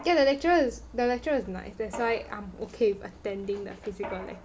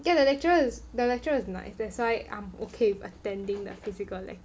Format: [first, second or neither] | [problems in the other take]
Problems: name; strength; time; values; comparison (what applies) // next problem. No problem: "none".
second | background sound (Mechanisms); 19 dB below the speech